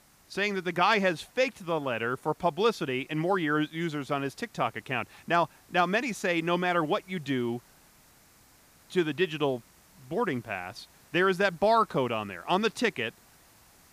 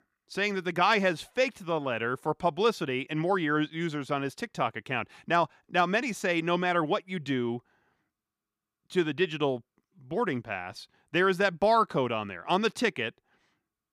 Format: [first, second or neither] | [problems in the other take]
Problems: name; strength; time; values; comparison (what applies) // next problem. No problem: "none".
second | hiss; faint; throughout; 30 dB below the speech